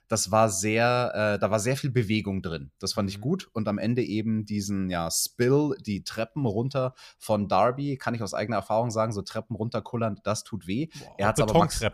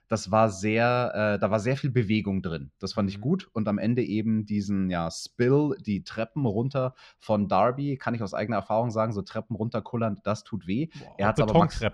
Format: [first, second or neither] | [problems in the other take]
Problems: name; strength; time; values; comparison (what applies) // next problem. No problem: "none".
first | muffled; slightly; fading above 3.5 kHz